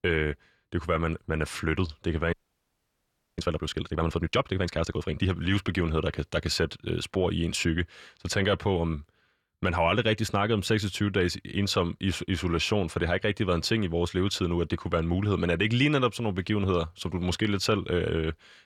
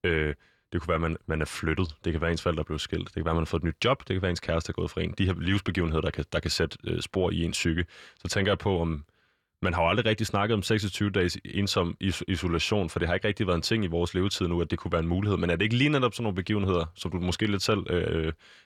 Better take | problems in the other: second | audio freezing; at 2.5 s for 1 s

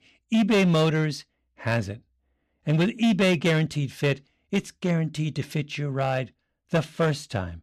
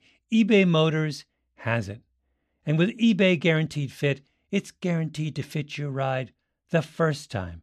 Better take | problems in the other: second | distortion; slight; 6% of the sound clipped

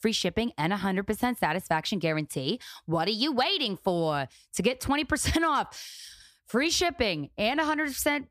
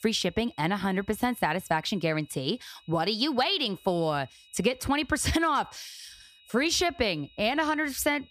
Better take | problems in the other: first | high-pitched whine; faint; throughout; 4 kHz, 30 dB below the speech

